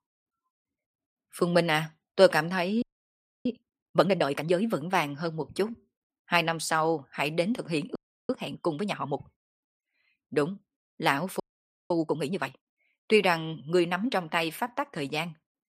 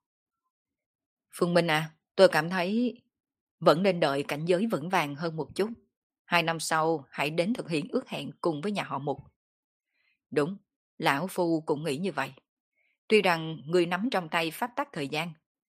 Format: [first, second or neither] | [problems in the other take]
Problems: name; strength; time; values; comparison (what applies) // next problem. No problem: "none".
second | audio freezing; at 3 s for 0.5 s, at 8 s and at 11 s for 0.5 s